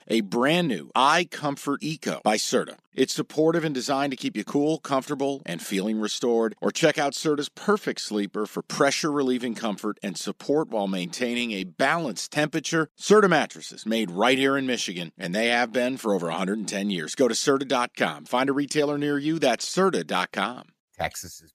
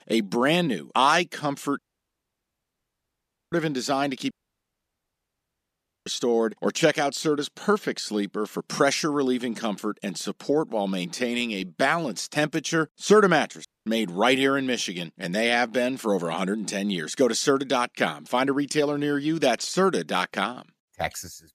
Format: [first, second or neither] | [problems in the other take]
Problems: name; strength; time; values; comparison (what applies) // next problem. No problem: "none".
first | audio cutting out; at 2 s for 1.5 s, at 4.5 s for 2 s and at 14 s